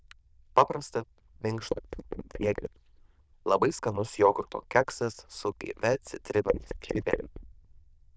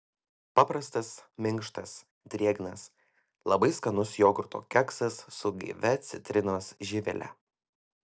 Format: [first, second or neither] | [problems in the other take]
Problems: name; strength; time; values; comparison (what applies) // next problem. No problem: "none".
second | noise reduction (neural diffusion model UNIVERSE++)